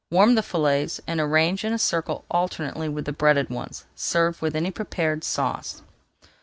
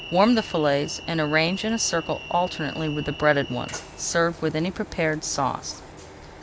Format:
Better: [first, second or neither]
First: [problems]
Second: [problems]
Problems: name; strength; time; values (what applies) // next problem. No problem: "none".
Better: first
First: none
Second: background sound (Train); 14 dB below the speech